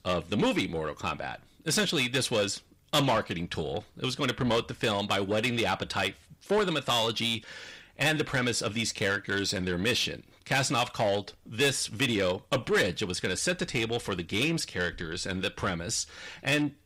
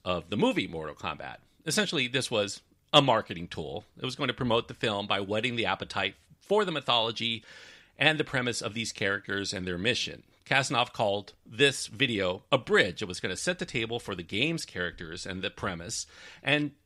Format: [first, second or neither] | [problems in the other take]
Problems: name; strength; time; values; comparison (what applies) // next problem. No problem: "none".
second | distortion; heavy; 7 dB below the speech